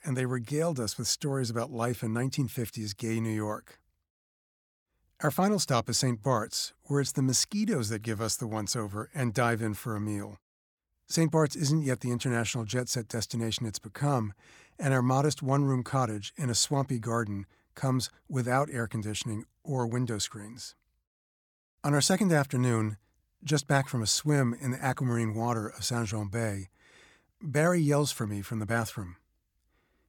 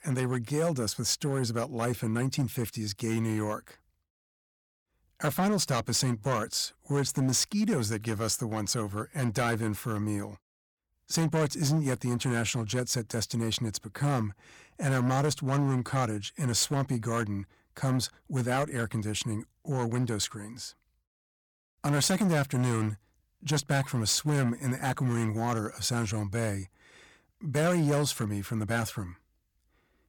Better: first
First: none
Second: distortion; slight; 6% of the sound clipped

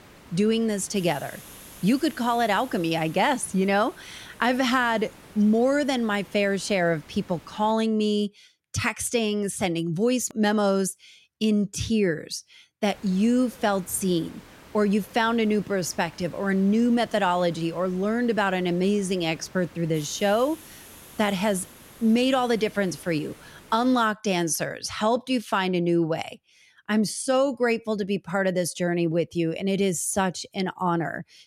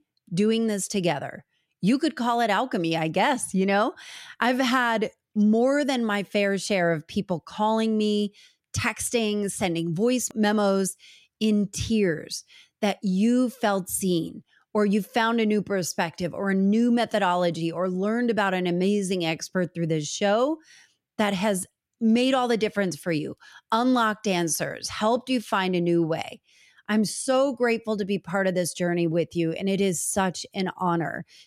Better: second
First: hiss; faint; until 7.5 s and from 13 to 24 s; 20 dB below the speech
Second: none

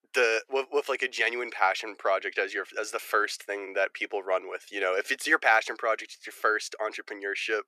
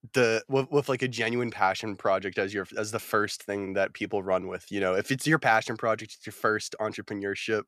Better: second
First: thin; very; fading below 350 Hz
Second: none

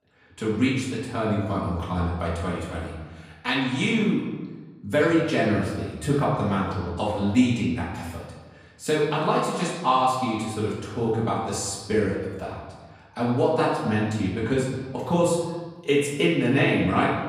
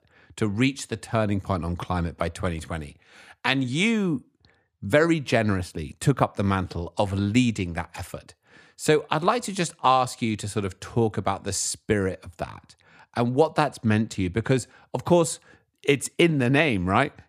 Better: second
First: room echo; noticeable; dies away in 1.2 s // off-mic speech; far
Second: none

